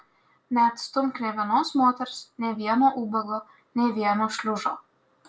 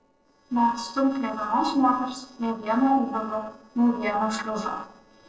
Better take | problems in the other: first | noise reduction (neural separator model SepFormer DNS4)

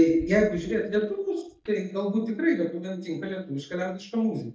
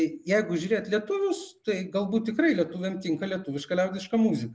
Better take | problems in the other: second | noise reduction (neural mask model DeepFilterNet 3)

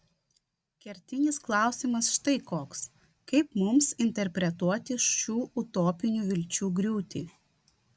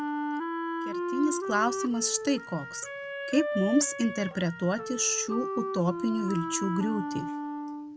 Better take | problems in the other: first | background sound (Wind instrument, woodwind instrument); 4 dB below the speech

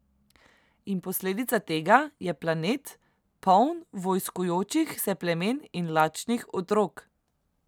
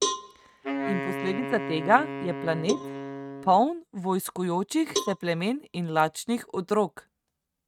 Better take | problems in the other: first | noise reduction (neural mask model RNNoise)

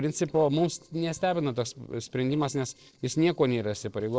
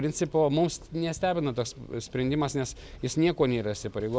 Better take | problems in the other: second | noise reduction (neural separator model SepFormer DNS4)

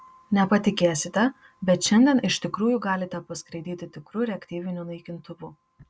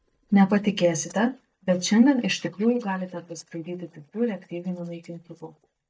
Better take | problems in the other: first | noise reduction (neural mask model DeepFilterNet 3)

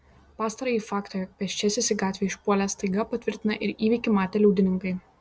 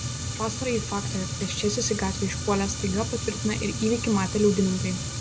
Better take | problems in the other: first | background sound (Fire); 4 dB below the speech

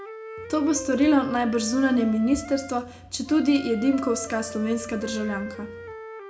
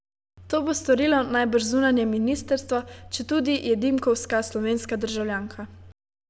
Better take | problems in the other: second | background sound (Wind instrument, woodwind instrument); 14 dB below the speech // room echo; dies away in 0.4 s

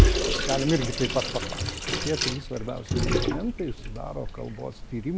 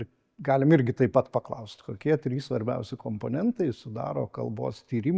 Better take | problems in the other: second | background sound (Sink (filling or washing) / Water tap, faucet); 4 dB above the speech

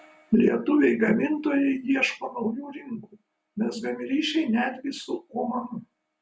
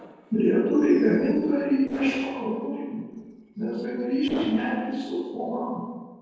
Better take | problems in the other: first | noise reduction (neural separator model SepFormer DNS4)

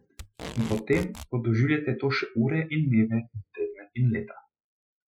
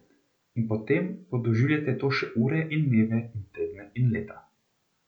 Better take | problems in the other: second | noise reduction (classical method spectral subtraction)

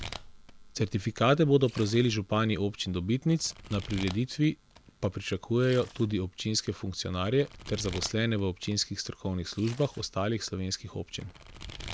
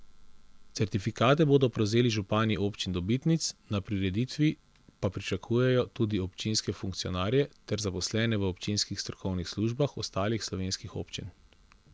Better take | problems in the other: second | background sound (Domestic sounds, home sounds); 18 dB below the speech

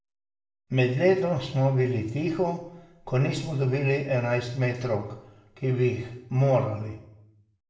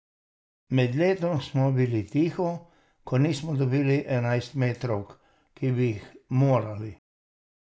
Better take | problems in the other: second | room echo; dies away in 0.6 s

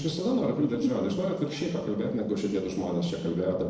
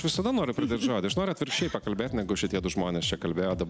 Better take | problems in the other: second | noise reduction (neural separator model SepFormer DNS4)

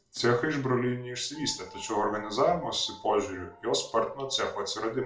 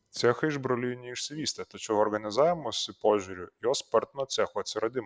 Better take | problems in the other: second | background sound (Piano); 19 dB below the speech // room echo; dies away in 0.3 s

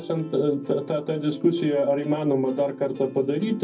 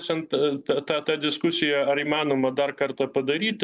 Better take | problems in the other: second | background sound (Plucked string instrument); 18 dB below the speech // room echo; dies away in 0.4 s

